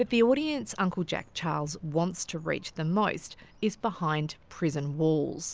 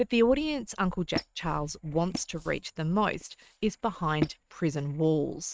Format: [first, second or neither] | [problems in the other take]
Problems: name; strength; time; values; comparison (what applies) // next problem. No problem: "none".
first | noise reduction (neural mask model RNNoise)